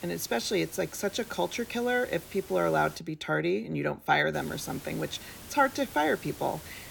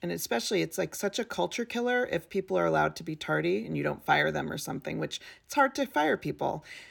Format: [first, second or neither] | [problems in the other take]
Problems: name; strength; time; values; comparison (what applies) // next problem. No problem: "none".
second | hiss; noticeable; until 3 s and from 4.5 s on; 15 dB below the speech